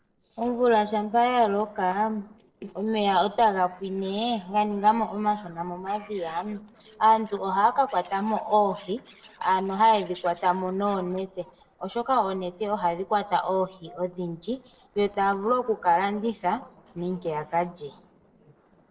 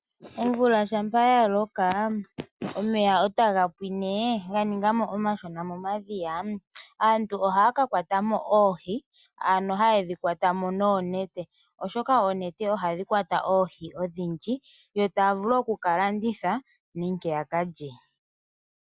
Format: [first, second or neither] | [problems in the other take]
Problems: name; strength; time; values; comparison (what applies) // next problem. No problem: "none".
second | noise reduction (neural separator model SepFormer DNS4)